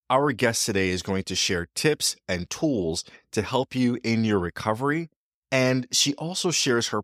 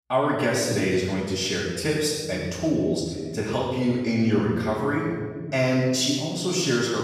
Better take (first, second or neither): first